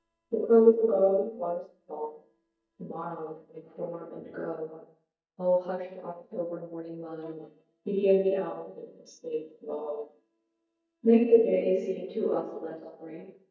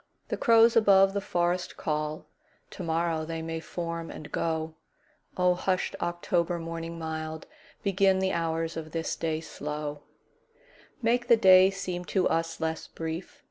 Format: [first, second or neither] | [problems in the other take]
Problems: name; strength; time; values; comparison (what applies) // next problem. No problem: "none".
second | noise reduction (neural mask model DeepFilterNet 3)